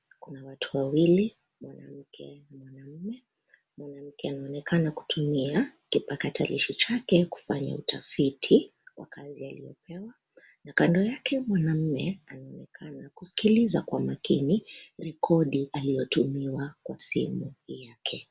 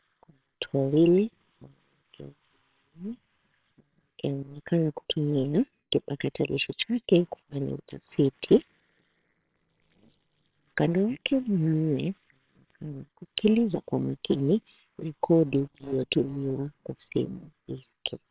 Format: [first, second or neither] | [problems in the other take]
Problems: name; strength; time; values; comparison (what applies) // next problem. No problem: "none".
first | noise reduction (neural separator model SepFormer WHAMR!)